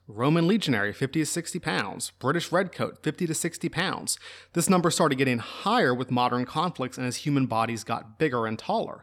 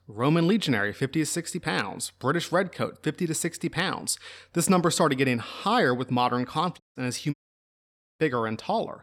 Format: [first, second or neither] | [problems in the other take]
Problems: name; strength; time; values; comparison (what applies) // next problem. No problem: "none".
first | audio cutting out; at 7 s and at 7.5 s for 1 s